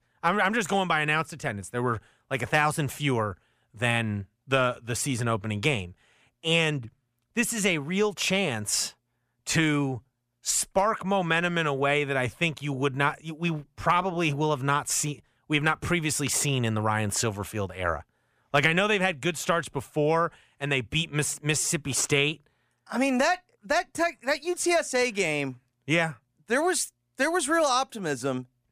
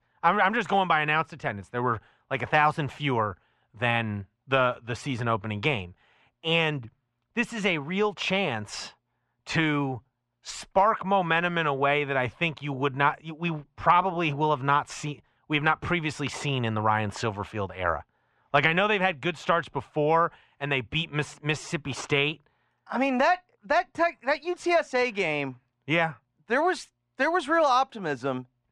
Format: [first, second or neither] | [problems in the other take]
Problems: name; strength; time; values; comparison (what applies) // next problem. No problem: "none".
first | muffled; slightly; fading above 3.5 kHz